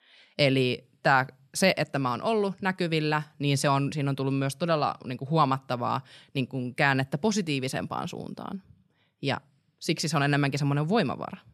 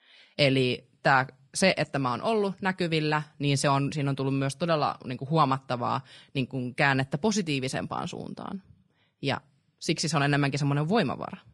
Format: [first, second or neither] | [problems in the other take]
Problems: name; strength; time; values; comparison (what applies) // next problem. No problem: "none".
first | garbled, watery; slightly; nothing above 10.5 kHz